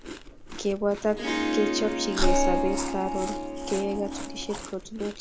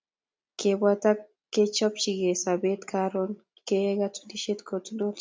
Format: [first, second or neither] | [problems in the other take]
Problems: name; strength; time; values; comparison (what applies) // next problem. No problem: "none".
second | background sound (Chewing, mastication + Harp); 2 dB above the speech